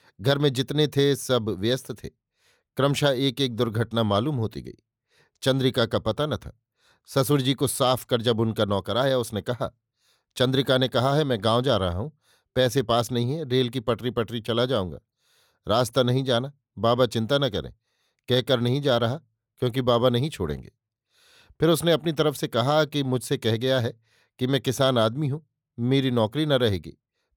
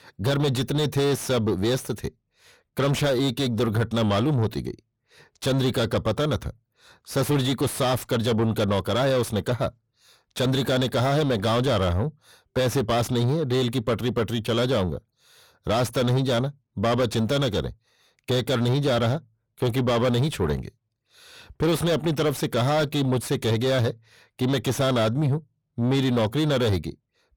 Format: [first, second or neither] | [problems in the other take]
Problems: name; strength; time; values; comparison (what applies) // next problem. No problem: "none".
first | distortion; heavy; 6 dB below the speech